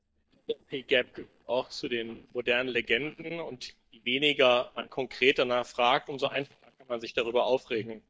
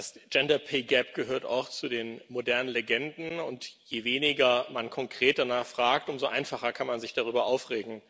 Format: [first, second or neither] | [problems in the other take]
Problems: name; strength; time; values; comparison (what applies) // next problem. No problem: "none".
second | noise reduction (neural mask model DeepFilterNet 3)